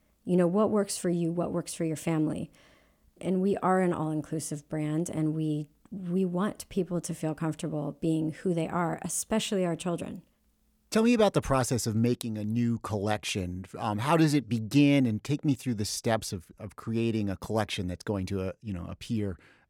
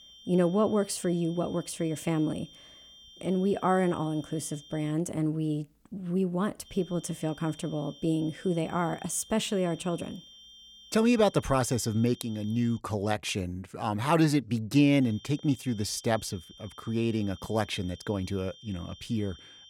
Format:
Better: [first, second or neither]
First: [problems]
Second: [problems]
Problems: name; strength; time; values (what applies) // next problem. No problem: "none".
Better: first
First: none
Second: high-pitched whine; faint; until 5 s, from 6.5 to 13 s and from 15 s on; 3 kHz, 20 dB below the speech